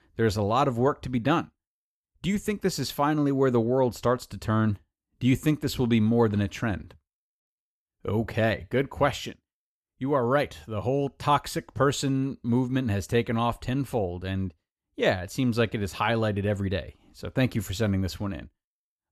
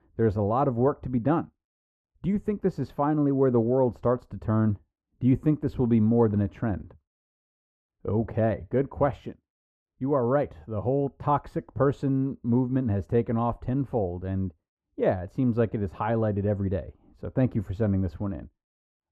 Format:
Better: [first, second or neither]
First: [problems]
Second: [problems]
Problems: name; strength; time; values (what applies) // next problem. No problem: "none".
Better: first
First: none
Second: muffled; very; fading above 2 kHz